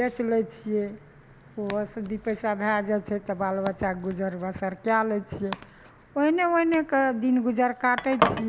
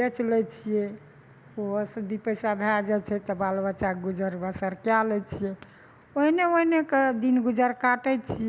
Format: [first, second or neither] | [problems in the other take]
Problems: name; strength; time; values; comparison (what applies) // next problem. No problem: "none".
second | background sound (Domestic sounds, home sounds); 10 dB below the speech